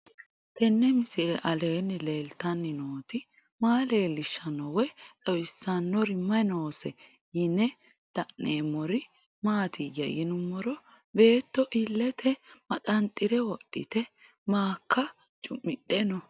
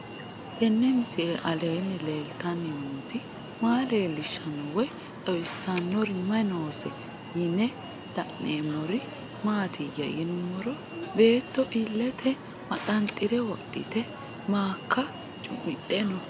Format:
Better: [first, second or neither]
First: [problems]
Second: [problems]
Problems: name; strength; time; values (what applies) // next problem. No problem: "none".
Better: first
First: none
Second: background sound (Alarm); 11 dB below the speech